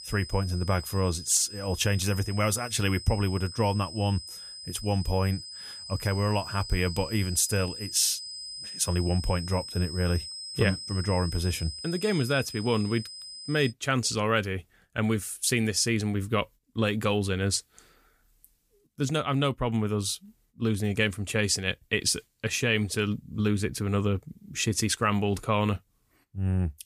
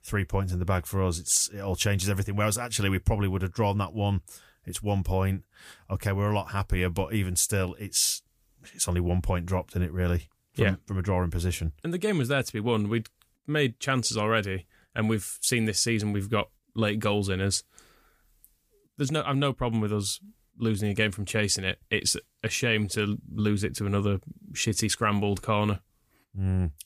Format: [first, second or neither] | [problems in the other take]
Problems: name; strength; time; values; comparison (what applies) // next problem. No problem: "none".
second | high-pitched whine; noticeable; until 14 s; 5 kHz, 10 dB below the speech